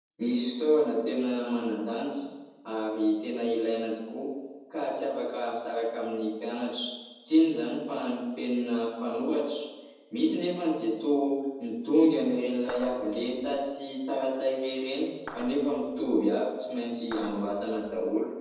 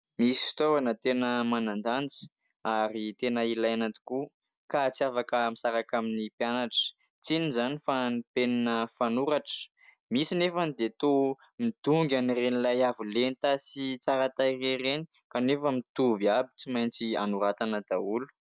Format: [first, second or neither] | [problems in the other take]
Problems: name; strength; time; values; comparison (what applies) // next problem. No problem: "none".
second | background sound (Clapping); 18 dB below the speech // room echo; dies away in 1.1 s